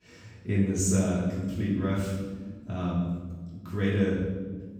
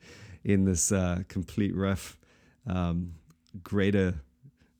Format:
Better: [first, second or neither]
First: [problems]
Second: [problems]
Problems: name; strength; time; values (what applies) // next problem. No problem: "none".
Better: second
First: room echo; noticeable; dies away in 1.3 s // off-mic speech; far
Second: none